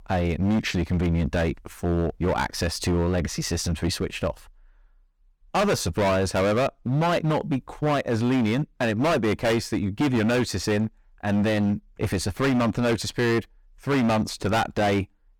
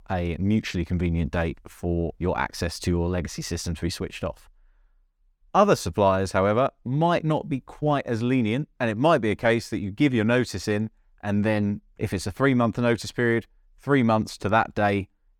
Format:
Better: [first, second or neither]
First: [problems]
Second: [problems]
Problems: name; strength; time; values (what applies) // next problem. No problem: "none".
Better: second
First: distortion; heavy; 17% of the sound clipped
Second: none